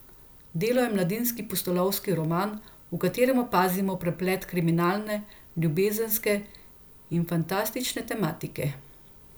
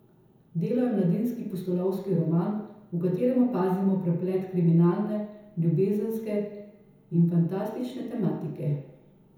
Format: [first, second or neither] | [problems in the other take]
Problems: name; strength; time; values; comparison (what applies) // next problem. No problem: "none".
first | room echo; dies away in 1 s